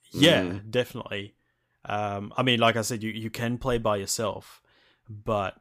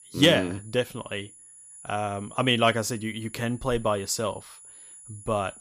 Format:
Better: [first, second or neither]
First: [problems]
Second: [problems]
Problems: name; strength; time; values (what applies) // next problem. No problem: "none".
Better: first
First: none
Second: high-pitched whine; noticeable; throughout; 10.5 kHz, 20 dB below the speech